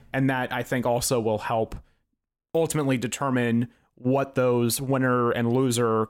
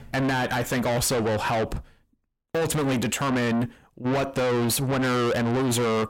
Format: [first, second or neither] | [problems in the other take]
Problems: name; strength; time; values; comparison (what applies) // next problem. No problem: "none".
first | distortion; heavy; 6 dB below the speech